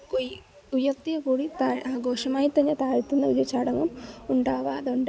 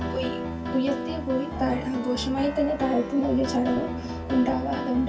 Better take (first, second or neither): first